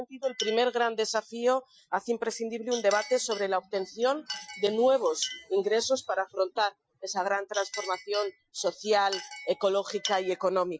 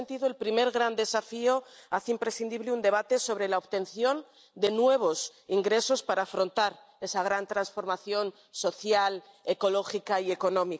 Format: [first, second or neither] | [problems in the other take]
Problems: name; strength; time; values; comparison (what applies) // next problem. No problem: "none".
second | noise reduction (classical method Wiener filter)